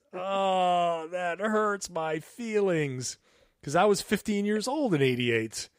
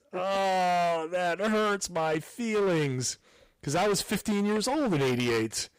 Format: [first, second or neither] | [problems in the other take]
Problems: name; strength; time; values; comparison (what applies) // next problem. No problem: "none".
first | distortion; heavy; 23% of the sound clipped